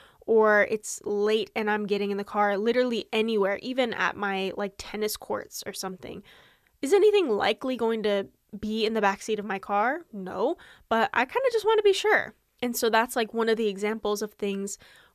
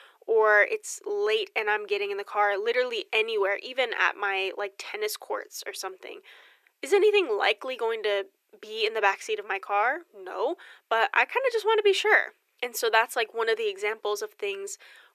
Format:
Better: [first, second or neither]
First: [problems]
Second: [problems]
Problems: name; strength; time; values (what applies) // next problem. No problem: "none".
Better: first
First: none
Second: thin; very; fading below 350 Hz